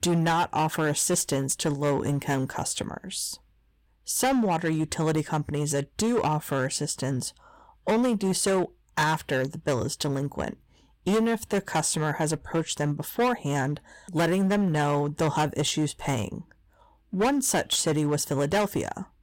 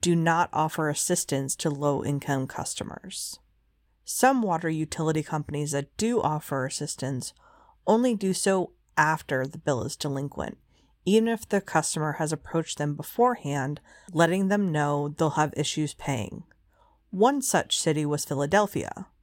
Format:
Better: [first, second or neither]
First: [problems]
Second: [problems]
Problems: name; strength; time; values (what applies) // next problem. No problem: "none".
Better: second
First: distortion; heavy; 11% of the sound clipped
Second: none